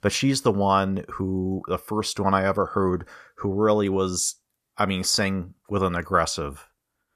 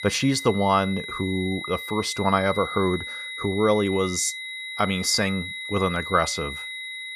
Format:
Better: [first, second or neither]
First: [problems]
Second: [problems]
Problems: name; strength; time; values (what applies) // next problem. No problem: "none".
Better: first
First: none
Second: high-pitched whine; loud; throughout; 2 kHz, 8 dB below the speech